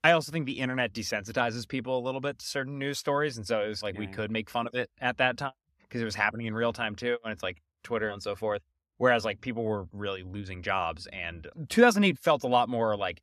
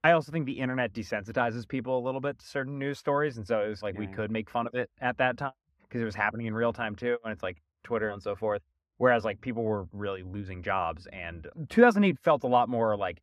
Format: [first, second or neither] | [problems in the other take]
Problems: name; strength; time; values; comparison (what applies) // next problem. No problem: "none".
first | muffled; slightly; fading above 3 kHz